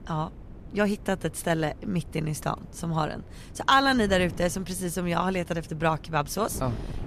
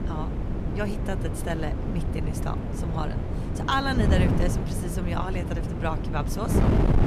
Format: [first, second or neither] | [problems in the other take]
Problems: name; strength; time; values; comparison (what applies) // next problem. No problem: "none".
first | wind noise on the microphone; heavy; 3 dB below the speech; occasional gusts in the first